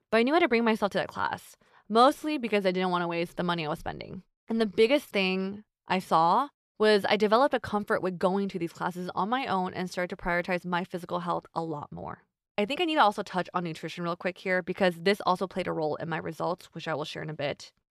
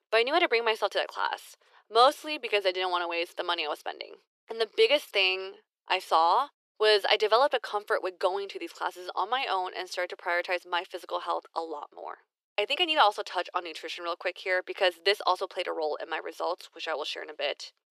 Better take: first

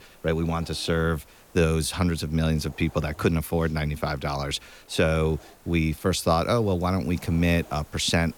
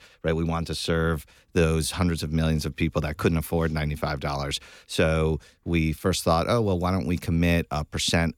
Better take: second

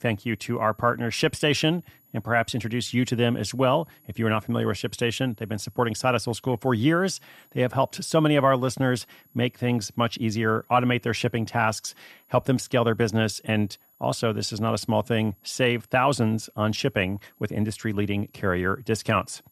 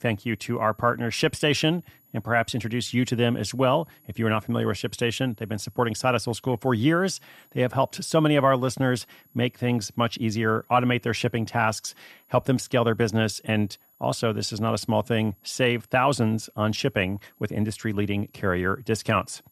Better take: neither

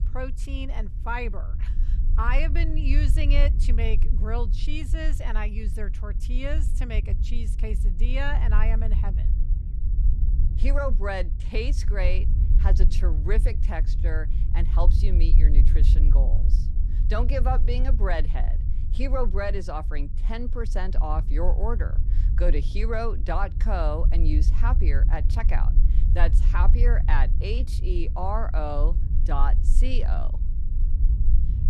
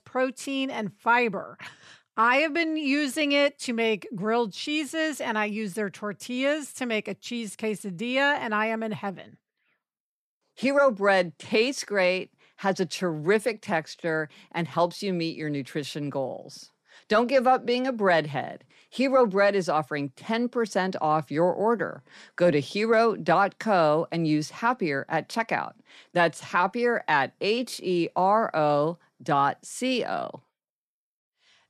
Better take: second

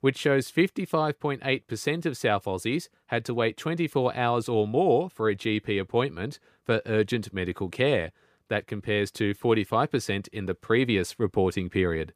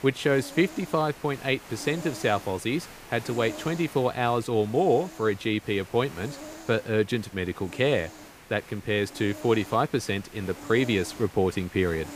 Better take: first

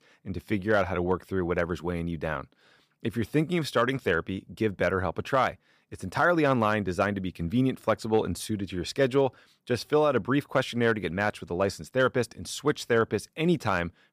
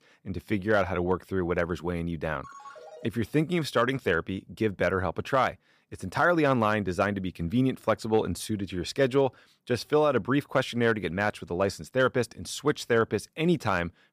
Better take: first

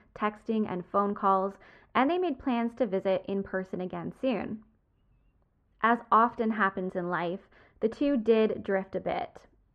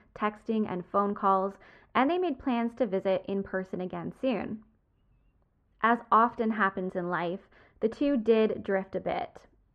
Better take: neither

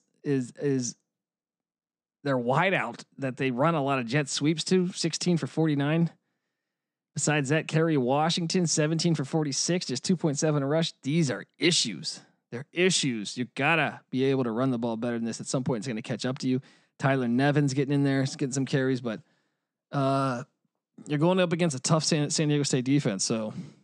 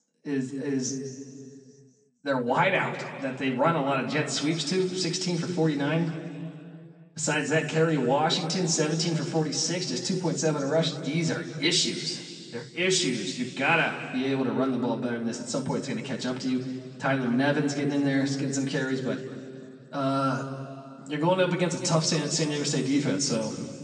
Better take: first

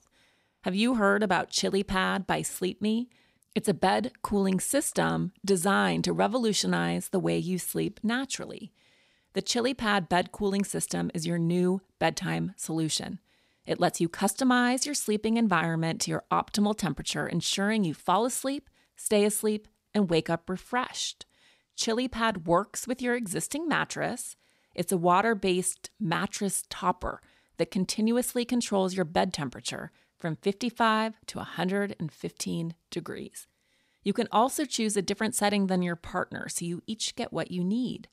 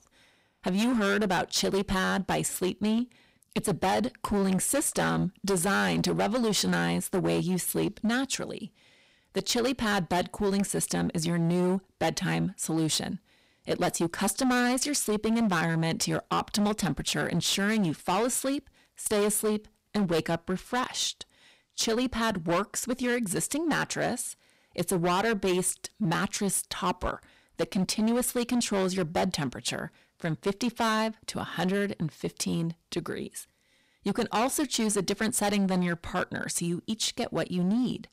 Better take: first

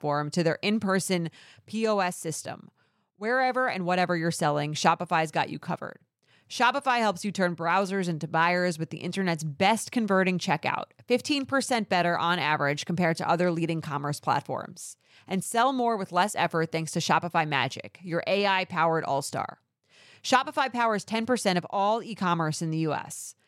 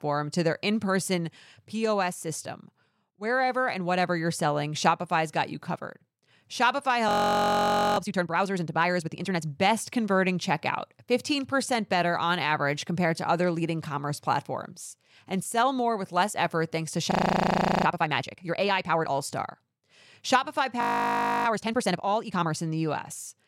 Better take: first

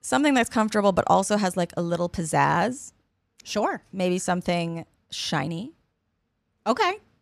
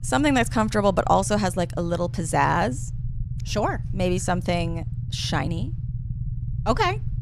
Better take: first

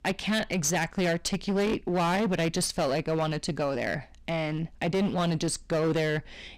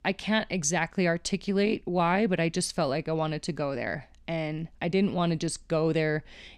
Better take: second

